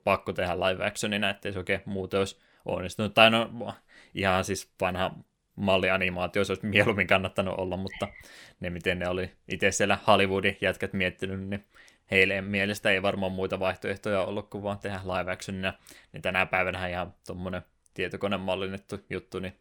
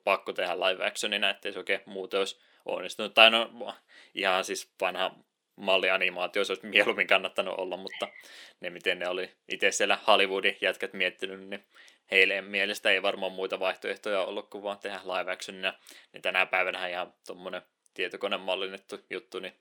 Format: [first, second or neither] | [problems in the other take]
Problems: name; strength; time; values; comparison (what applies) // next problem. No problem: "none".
first | thin; somewhat; fading below 300 Hz